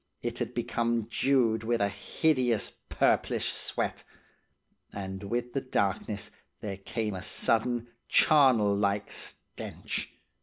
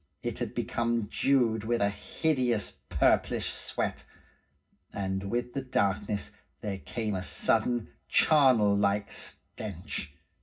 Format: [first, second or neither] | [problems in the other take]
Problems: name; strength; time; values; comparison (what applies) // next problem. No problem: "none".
first | room echo; dies away in 0.4 s